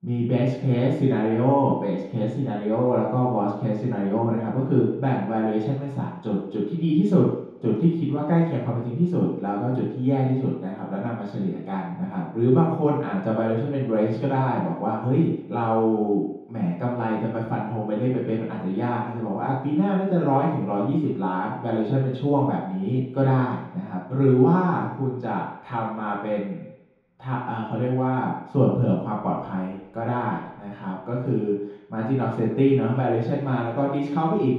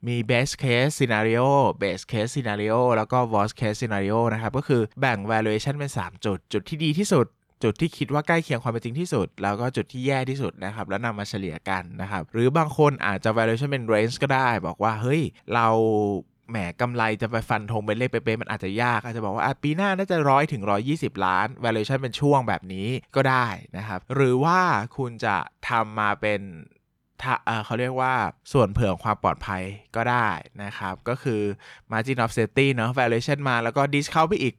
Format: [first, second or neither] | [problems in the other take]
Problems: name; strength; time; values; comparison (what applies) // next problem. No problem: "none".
second | room echo; strong; dies away in 0.8 s // off-mic speech; far